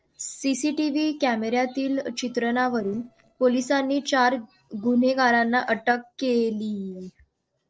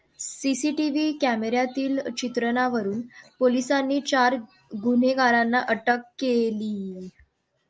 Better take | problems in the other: second | noise reduction (neural separator model SepFormer DNS4)

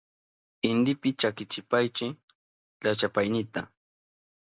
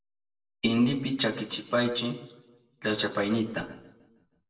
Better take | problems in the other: first | room echo; dies away in 0.7 s

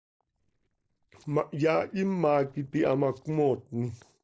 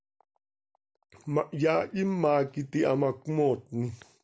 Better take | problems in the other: second | noise reduction (neural separator model SepFormer DNS4)

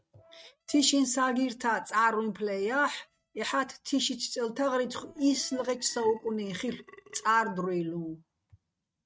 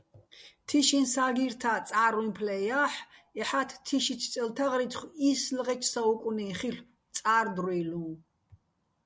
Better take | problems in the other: second | noise reduction (neural mask model RNNoise)

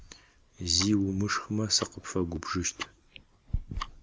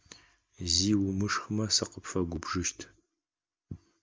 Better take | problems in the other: second | background sound (Tick-tock); 10 dB below the speech

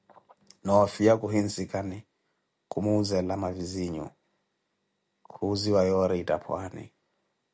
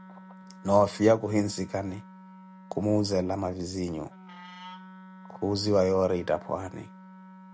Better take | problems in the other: first | background sound (Wind instrument, woodwind instrument); 19 dB below the speech

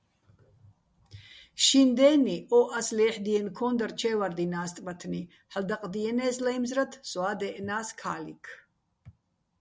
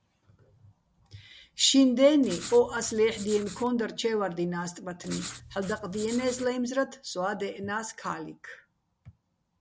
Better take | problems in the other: first | background sound (Writing); 14 dB below the speech

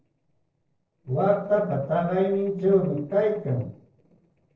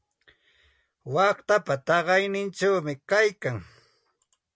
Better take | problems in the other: second | noise reduction (neural separator model SepFormer DNS4)

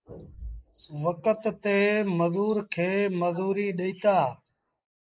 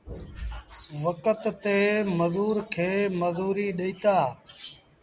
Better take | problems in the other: second | noise reduction (neural mask model Resemble Enhance denoiser)

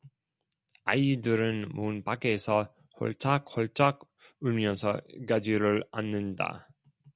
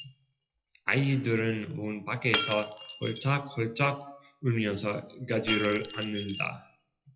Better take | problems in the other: first | noise reduction (classical method WPE with log-MMSE)

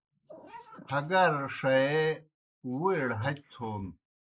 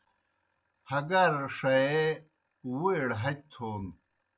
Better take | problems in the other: second | noise reduction (neural mask model Resemble Enhance denoiser)

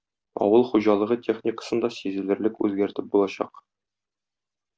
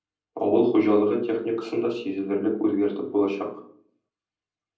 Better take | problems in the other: first | room echo; dies away in 0.6 s

